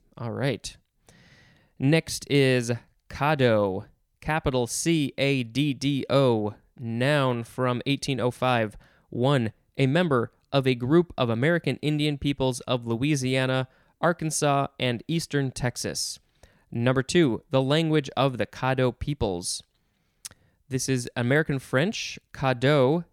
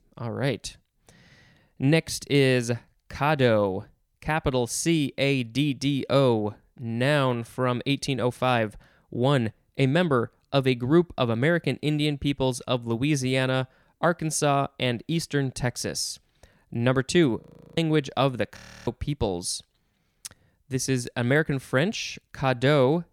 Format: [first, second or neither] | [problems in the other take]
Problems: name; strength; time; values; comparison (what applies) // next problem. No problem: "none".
first | audio freezing; at 17 s and at 19 s